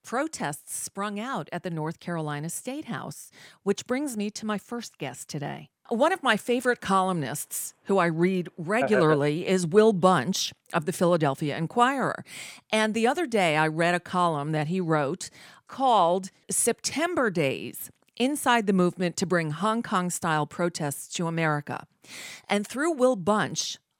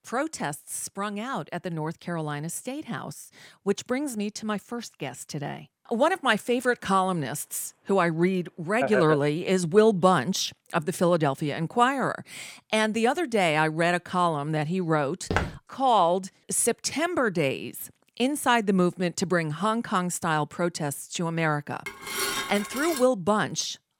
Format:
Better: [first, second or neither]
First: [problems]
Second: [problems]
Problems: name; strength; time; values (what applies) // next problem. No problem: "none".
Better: first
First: none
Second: footsteps; noticeable; at 15 s; peak 3 dB below the speech // clattering dishes; noticeable; from 22 to 23 s; peak 2 dB below the speech